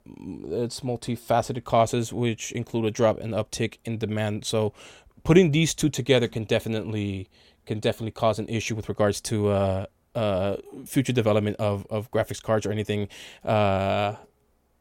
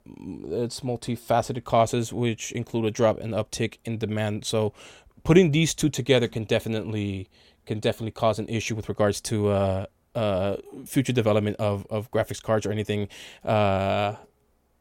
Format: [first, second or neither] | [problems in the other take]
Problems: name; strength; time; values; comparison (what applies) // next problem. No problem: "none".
neither | none